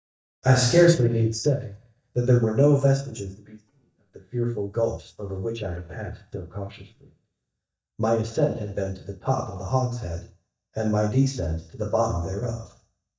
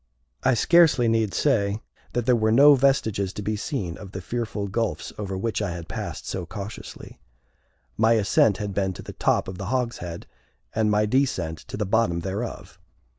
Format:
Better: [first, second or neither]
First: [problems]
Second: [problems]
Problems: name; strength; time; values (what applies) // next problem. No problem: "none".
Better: second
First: noise reduction (neural mask model DeepFilterNet 3)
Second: none